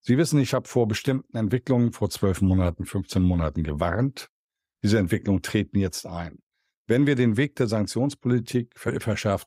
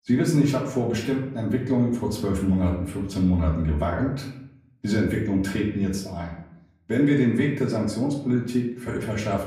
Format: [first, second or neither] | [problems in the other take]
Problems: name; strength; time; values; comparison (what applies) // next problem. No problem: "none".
first | room echo; slight; dies away in 0.7 s // off-mic speech; far